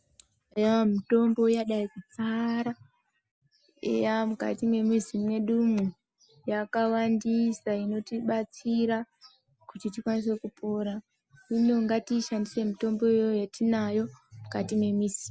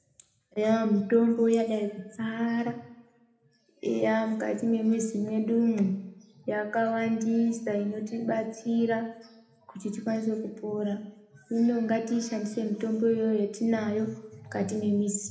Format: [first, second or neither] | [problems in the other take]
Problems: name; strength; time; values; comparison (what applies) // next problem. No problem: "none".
first | room echo; dies away in 0.7 s